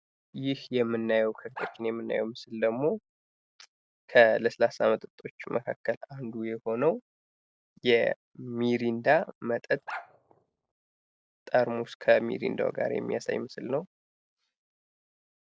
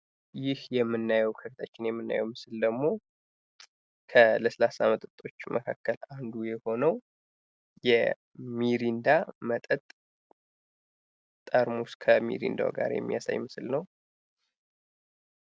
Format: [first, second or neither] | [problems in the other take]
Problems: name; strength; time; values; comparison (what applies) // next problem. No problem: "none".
second | background sound (Bark); 14 dB below the speech